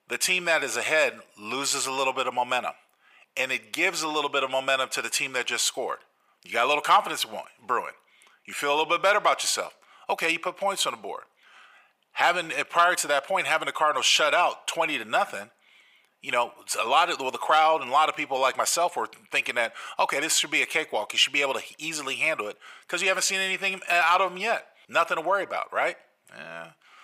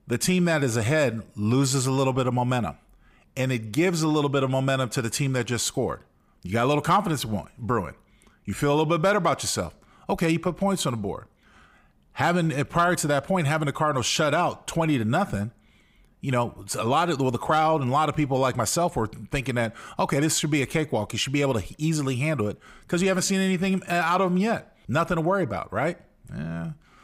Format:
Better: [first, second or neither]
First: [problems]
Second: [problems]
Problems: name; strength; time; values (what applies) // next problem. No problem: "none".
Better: second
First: thin; very; fading below 700 Hz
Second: none